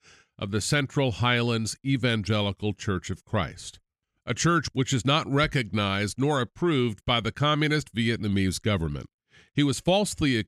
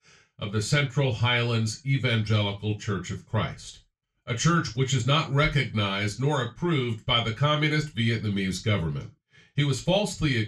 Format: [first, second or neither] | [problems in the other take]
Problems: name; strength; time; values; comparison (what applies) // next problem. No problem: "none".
first | room echo; slight; dies away in 0.2 s // off-mic speech; far